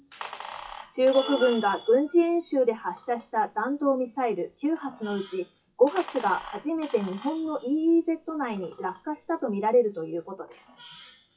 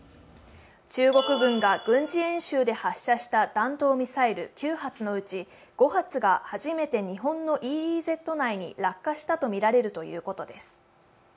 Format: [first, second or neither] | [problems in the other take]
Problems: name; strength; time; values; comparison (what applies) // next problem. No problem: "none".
second | noise reduction (classical method WPE with log-MMSE)